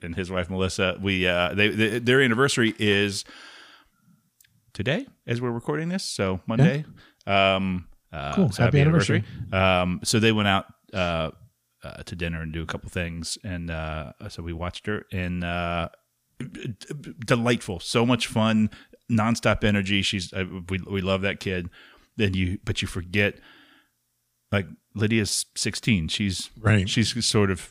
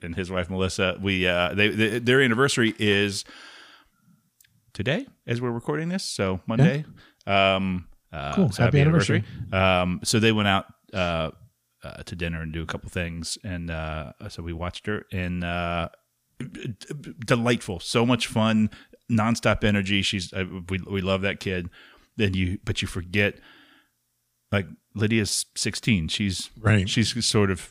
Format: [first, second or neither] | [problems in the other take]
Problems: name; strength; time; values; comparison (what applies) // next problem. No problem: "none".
neither | none